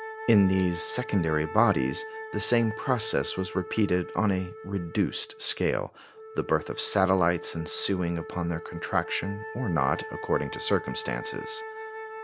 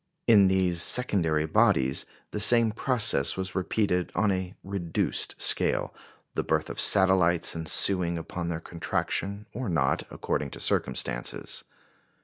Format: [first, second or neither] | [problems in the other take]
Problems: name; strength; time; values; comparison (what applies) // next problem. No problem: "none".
second | background sound (Wind instrument, woodwind instrument); 11 dB below the speech